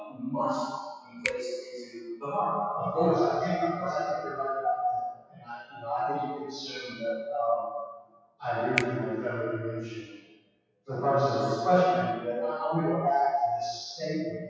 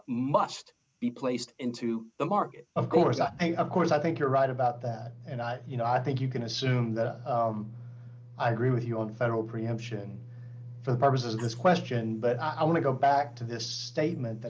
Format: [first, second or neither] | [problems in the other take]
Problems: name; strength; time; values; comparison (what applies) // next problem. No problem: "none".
second | noise reduction (classical method WPE with log-MMSE)